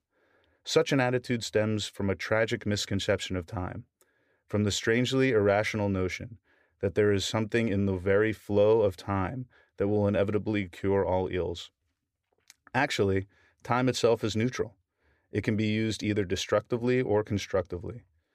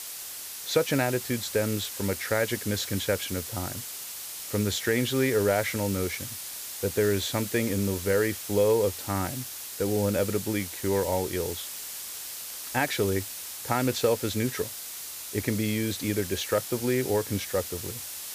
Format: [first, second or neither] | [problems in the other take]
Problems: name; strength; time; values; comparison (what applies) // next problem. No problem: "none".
first | hiss; loud; throughout; 7 dB below the speech